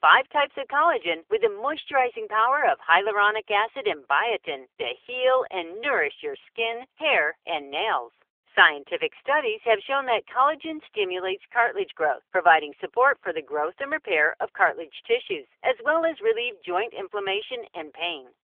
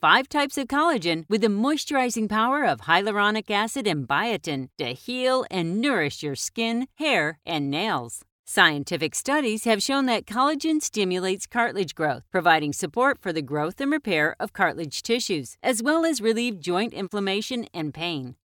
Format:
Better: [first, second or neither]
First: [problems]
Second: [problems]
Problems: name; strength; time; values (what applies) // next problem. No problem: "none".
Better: second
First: phone-call audio; nothing above 3.5 kHz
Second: none